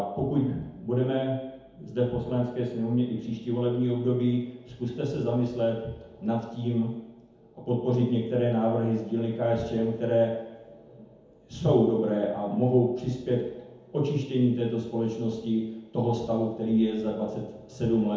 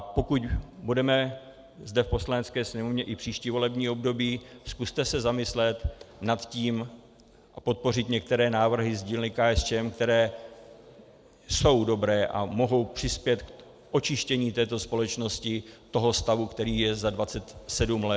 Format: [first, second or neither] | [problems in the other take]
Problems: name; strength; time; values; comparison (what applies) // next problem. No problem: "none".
second | room echo; dies away in 1 s